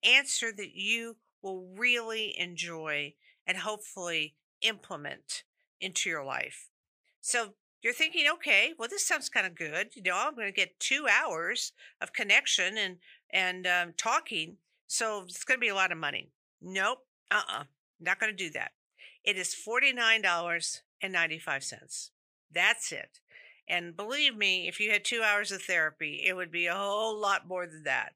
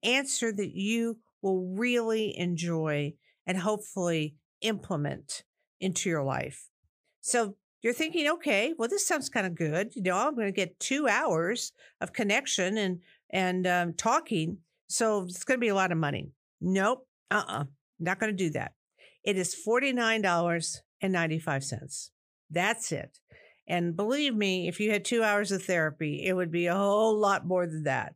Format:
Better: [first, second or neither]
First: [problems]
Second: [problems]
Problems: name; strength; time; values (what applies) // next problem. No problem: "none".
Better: second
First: thin; somewhat; fading below 950 Hz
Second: none